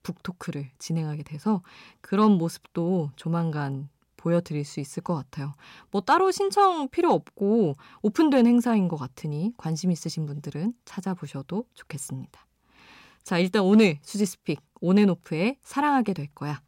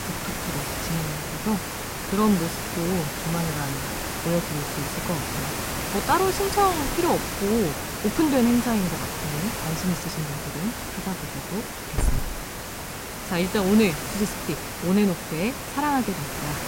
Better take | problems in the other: first | hiss; loud; throughout; 3 dB below the speech

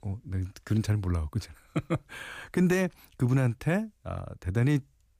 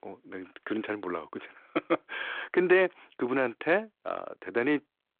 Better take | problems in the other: first | phone-call audio

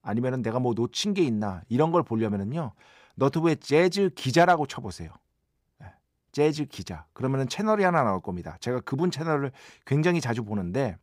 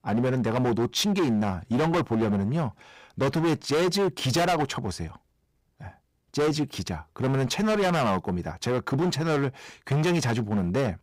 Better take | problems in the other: first | distortion; heavy; 18% of the sound clipped

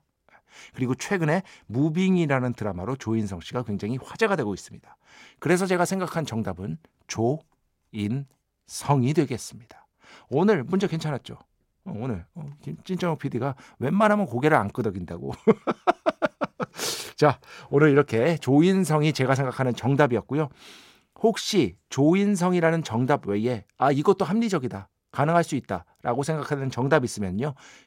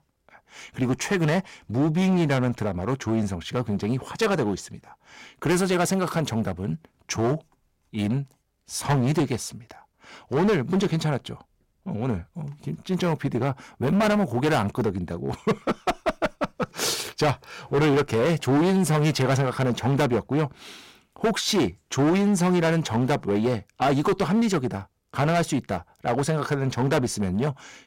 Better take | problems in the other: first | distortion; heavy; 11% of the sound clipped

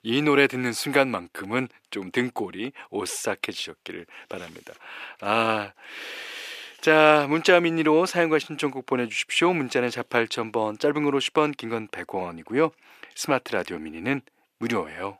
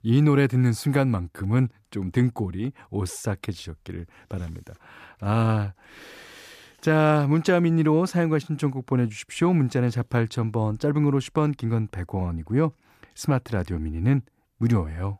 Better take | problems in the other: second | thin; somewhat; fading below 450 Hz

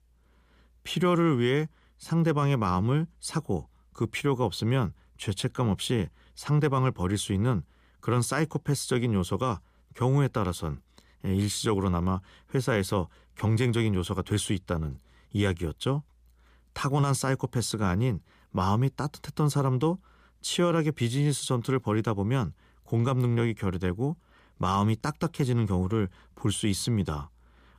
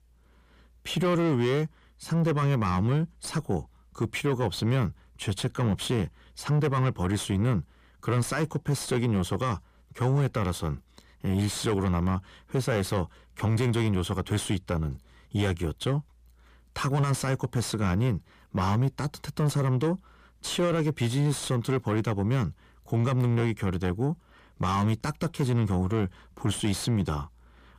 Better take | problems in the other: first | distortion; slight; 10 dB below the speech

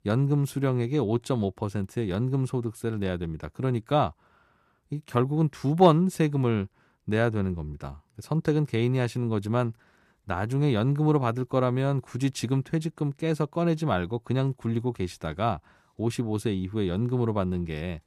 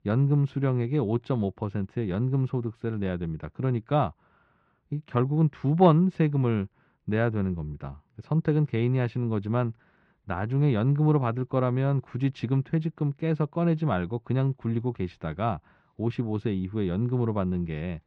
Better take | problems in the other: first | muffled; slightly; fading above 3 kHz

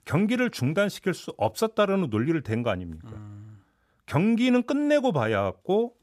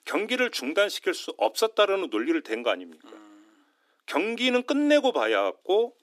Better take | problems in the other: first | thin; somewhat; fading below 300 Hz

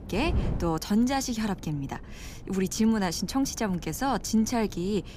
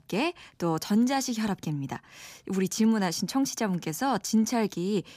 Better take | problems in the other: second | wind noise on the microphone; occasional gusts; 15 dB below the speech

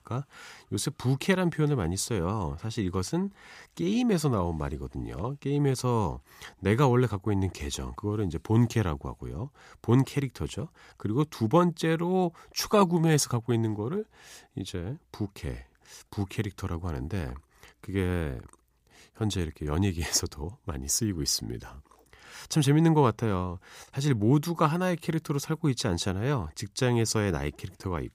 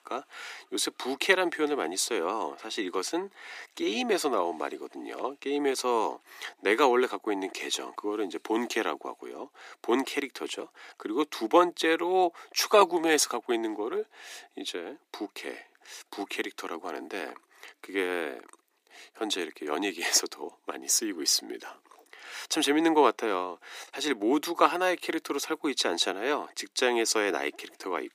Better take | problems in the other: first | thin; very; fading below 300 Hz

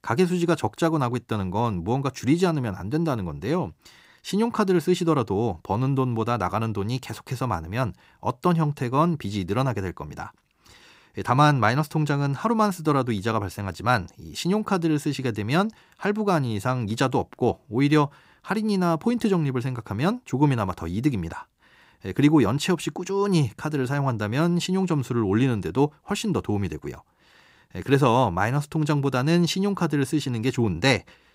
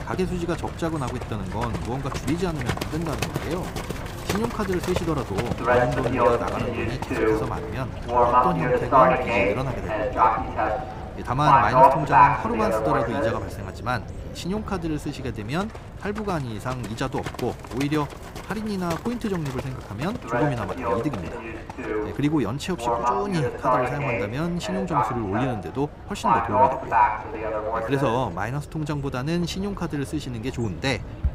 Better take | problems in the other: first | animal sounds; very loud; throughout; 4 dB above the speech

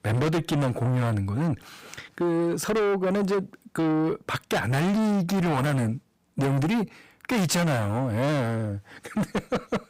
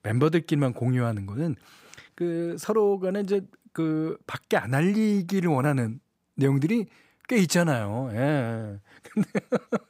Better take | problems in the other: second | distortion; heavy; 5 dB below the speech

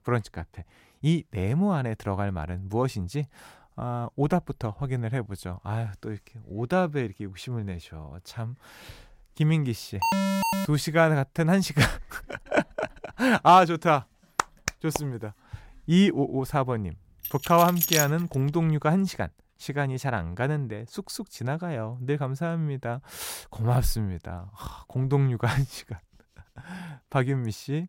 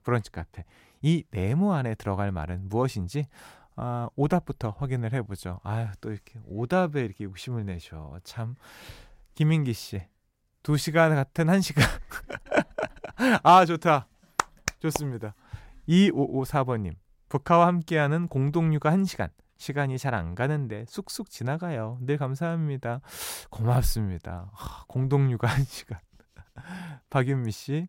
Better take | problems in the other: second | alarm; loud; at 10 s; peak 2 dB above the speech // jangling keys; loud; at 17 s; peak 3 dB above the speech

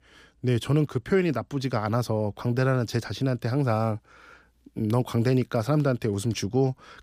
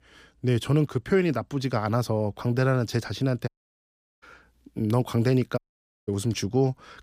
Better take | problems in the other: first | audio cutting out; at 3.5 s for 0.5 s and at 5.5 s

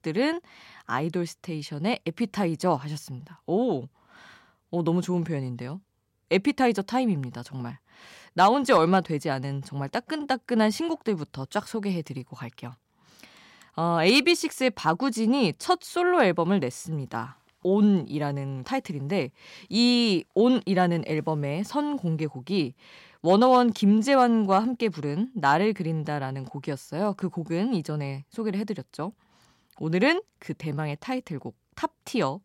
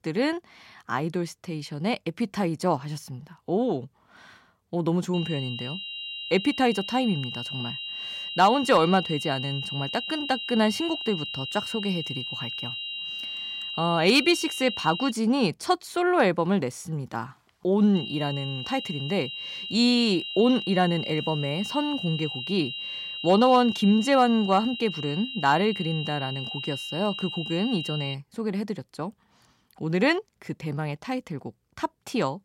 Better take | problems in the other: first | high-pitched whine; loud; from 5 to 15 s and from 18 to 28 s; 3 kHz, 7 dB below the speech

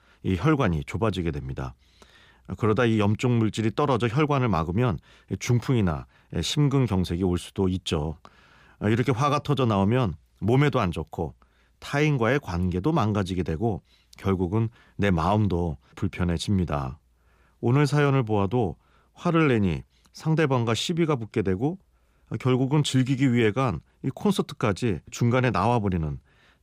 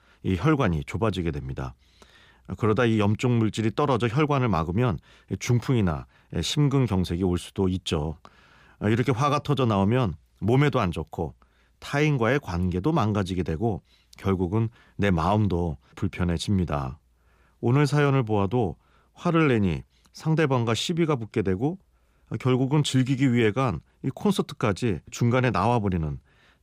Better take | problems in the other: neither | none

